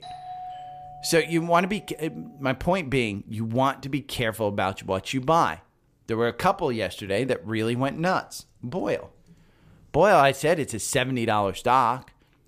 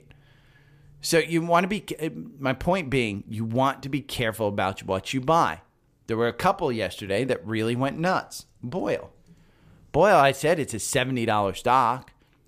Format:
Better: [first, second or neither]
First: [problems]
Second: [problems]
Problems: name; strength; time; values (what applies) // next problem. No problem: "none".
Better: second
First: doorbell; faint; until 2 s; peak 15 dB below the speech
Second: none